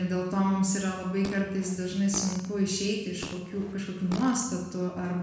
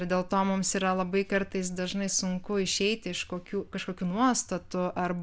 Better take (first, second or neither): second